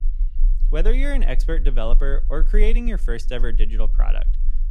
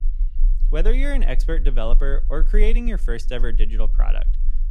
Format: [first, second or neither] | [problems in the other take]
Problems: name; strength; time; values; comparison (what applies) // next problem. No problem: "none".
neither | low rumble; faint; throughout; 20 dB below the speech; the same in both